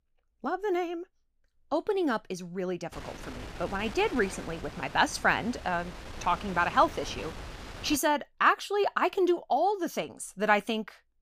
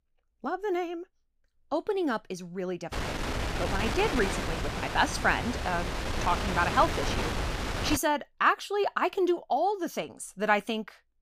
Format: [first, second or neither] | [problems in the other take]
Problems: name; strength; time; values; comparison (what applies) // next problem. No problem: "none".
first | wind noise on the microphone; heavy; from 3 to 8 s; 5 dB below the speech; occasional gusts in the first